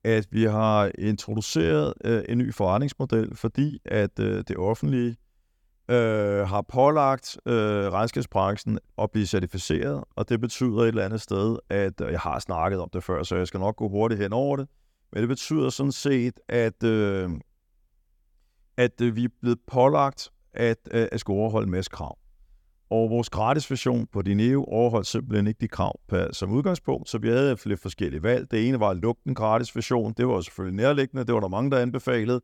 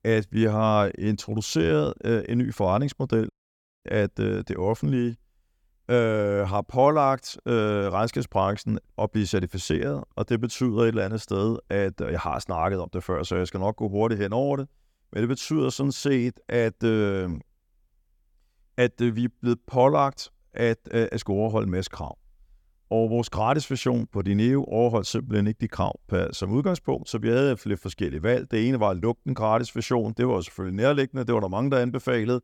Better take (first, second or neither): first